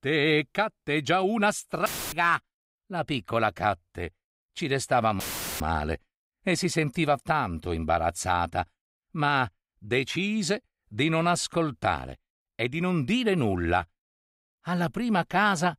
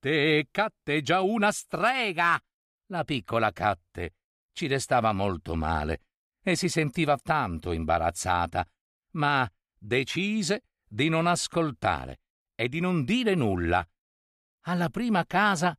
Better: second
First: audio cutting out; filled with static; at 2 s and at 5 s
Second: none

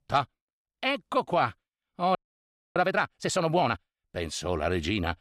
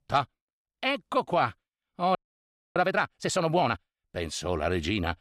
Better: neither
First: audio freezing; at 2 s for 0.5 s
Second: audio freezing; at 2 s for 0.5 s

